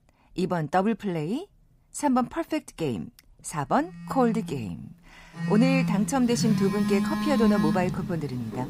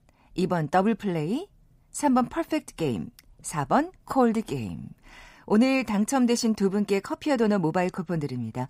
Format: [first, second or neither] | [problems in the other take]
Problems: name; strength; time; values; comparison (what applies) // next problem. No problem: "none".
second | alarms or sirens; loud; from 4.5 s on; 2 dB below the speech